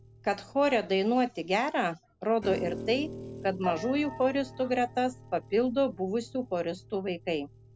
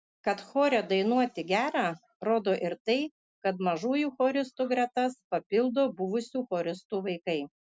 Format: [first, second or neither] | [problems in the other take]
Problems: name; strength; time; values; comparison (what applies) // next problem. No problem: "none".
second | background sound (Piano); 14 dB below the speech